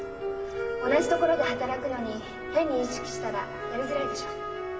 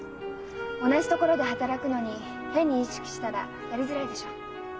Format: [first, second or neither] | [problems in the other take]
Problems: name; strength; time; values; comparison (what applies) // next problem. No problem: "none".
second | background sound (Wind instrument, woodwind instrument); 17 dB below the speech // room echo; dies away in 2.7 s